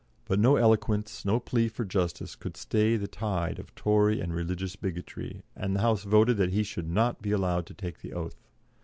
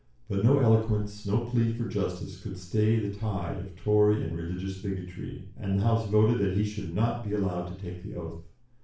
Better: first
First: none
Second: room echo; dies away in 0.4 s

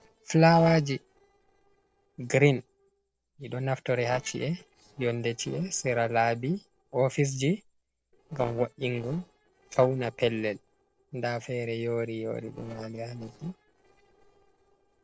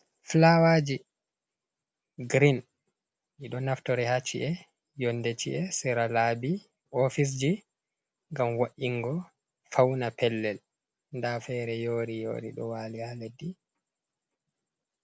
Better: second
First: noise reduction (neural separator model SepFormer DNS4)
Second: none

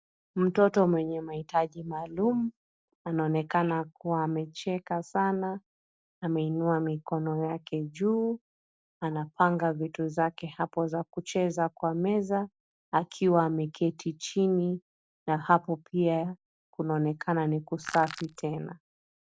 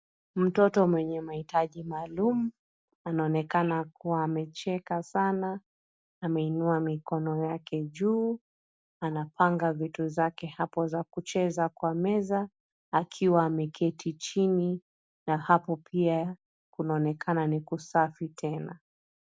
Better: second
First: noise reduction (neural separator model SepFormer DNS4)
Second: none

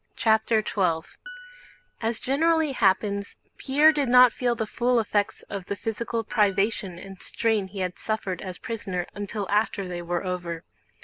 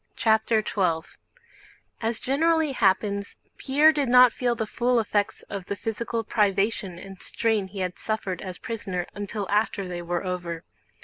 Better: second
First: background sound (Piano); 20 dB below the speech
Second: none

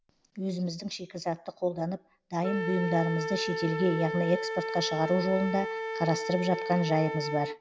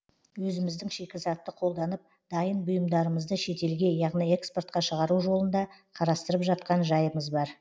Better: second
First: background sound (Wind instrument, woodwind instrument); 6 dB below the speech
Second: none

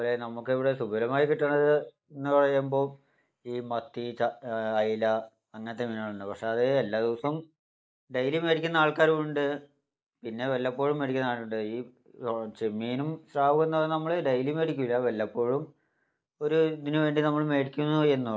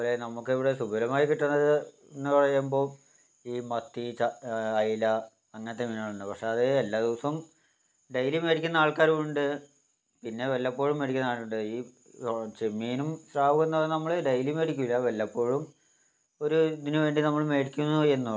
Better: second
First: noise reduction (neural mask model Resemble Enhance denoiser)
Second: none

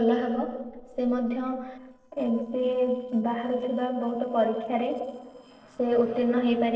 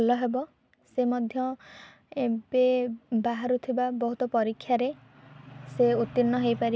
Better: second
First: noise reduction (neural separator model SepFormer DNS4)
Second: none

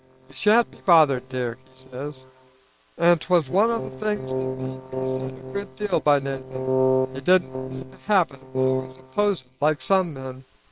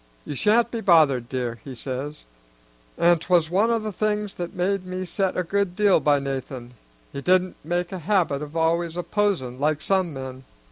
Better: second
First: noise reduction (neural separator model SepFormer WHAM!)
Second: none

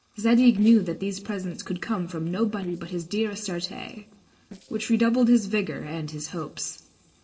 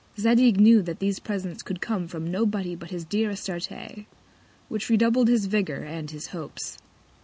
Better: second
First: noise reduction (neural separator model SepFormer DNS4)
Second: none

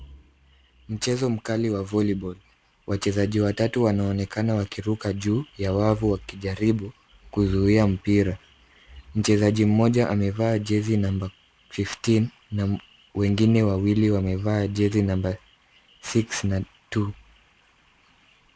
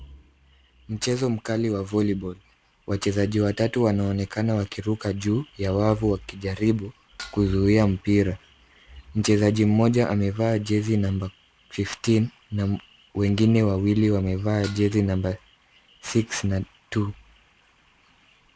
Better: first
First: none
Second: background sound (Dishes, pots, and pans); 19 dB below the speech

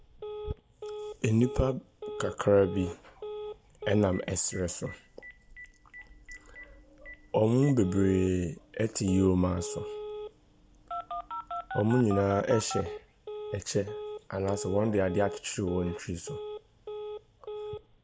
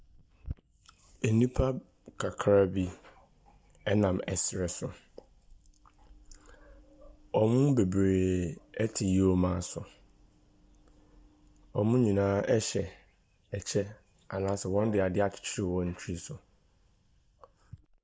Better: second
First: background sound (Telephone); 11 dB below the speech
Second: none

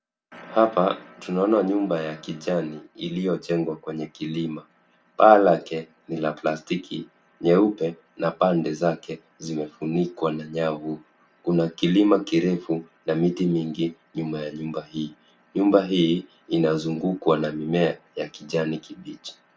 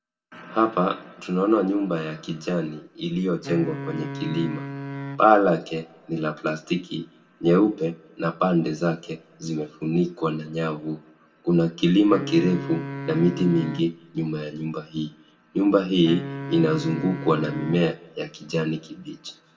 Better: first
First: none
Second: background sound (Wind instrument, woodwind instrument); 10 dB below the speech // room echo; dies away in 0.7 s

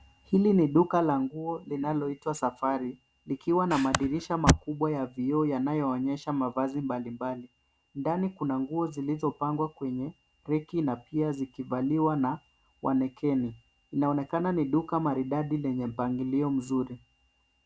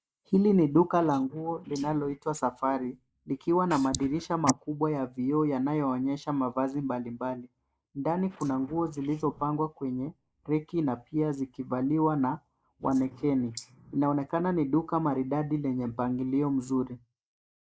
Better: first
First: none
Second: noise reduction (neural mask model Resemble Enhance denoiser)

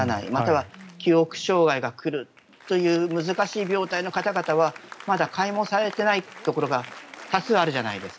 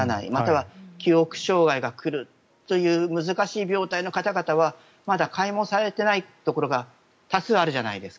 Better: second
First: background sound (Applause); 19 dB below the speech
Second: none

